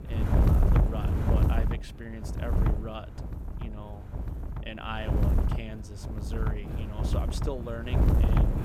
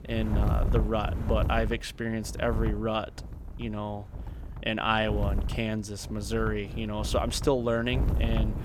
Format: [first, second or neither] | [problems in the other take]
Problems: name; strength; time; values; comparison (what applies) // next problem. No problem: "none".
second | wind noise on the microphone; heavy; 2 dB above the speech; occasional gusts in the second